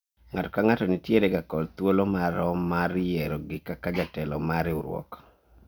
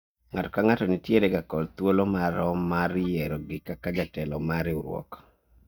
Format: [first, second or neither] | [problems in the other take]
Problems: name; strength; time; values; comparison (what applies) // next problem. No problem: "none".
first | noise reduction (neural mask model DeepFilterNet 3)